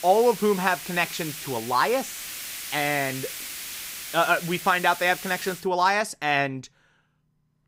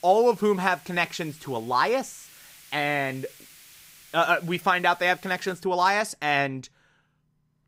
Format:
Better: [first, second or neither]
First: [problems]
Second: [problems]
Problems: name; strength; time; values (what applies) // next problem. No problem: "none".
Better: second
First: hiss; loud; until 5.5 s; 10 dB below the speech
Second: hiss; faint; until 5.5 s; 25 dB below the speech